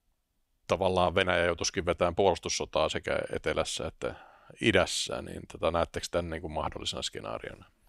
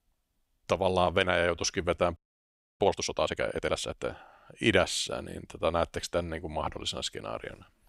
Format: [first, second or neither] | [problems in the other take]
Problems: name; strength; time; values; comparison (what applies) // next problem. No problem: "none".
first | audio freezing; at 2 s for 0.5 s